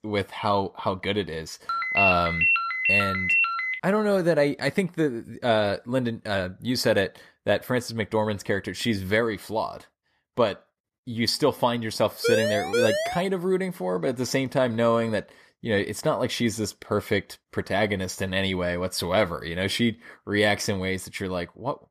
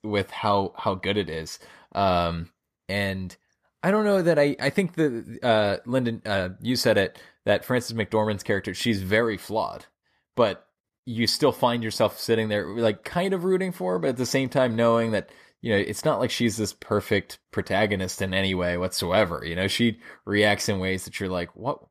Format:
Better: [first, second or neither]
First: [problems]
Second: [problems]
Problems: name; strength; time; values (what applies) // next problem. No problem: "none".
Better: second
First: phone ringing; loud; from 1.5 to 4 s; peak 6 dB above the speech // siren; loud; at 12 s; peak 2 dB above the speech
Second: none